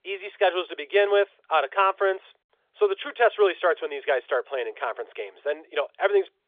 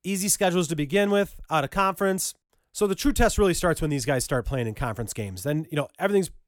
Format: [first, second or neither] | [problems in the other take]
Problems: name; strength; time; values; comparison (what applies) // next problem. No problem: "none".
second | phone-call audio; nothing above 3.5 kHz